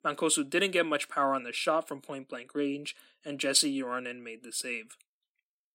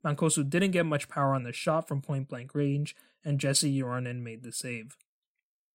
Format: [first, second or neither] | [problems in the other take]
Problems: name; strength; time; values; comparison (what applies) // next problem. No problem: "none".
second | thin; somewhat; fading below 300 Hz